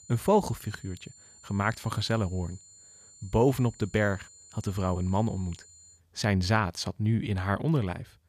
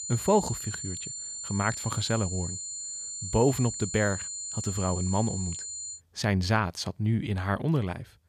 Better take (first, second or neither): first